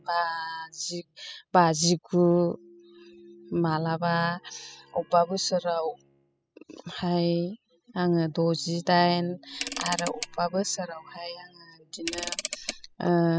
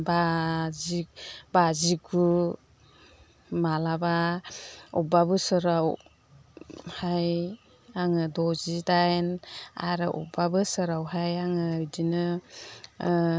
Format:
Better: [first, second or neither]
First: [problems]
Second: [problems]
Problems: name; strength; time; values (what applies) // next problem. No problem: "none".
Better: second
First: noise reduction (classical method spectral subtraction)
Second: none